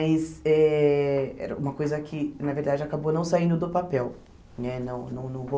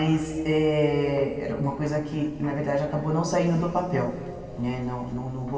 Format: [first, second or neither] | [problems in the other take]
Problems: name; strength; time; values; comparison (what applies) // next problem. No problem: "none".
first | room echo; dies away in 2.4 s